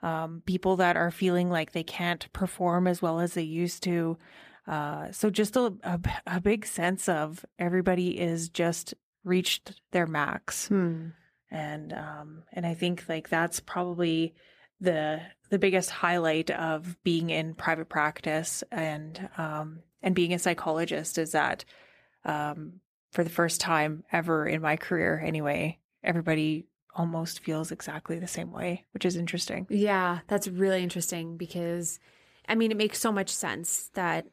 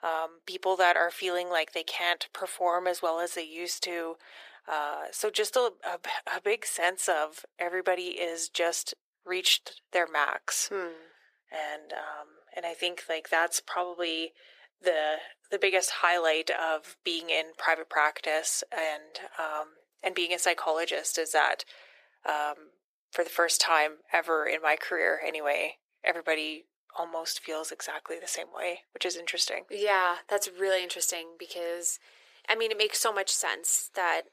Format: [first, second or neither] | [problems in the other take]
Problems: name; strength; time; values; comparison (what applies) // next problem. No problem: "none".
first | thin; very; fading below 450 Hz